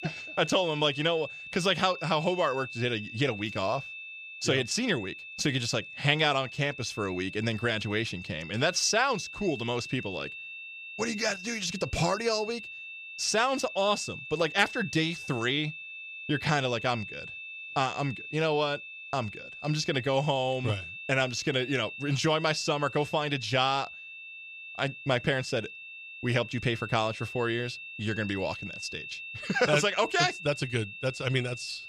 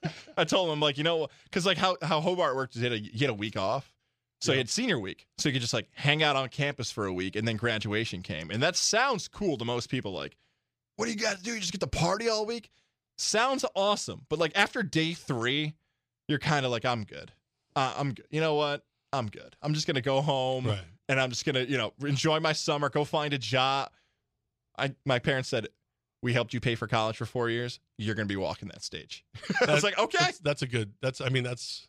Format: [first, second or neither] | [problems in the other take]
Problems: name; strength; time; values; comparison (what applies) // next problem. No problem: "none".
second | high-pitched whine; noticeable; throughout; 2.5 kHz, 10 dB below the speech